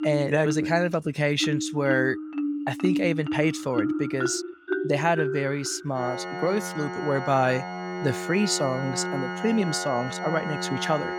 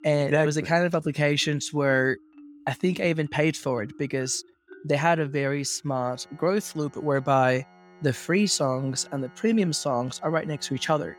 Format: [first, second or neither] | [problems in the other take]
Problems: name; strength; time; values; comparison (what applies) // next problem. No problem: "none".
second | background music; loud; throughout; 5 dB below the speech; faint in the second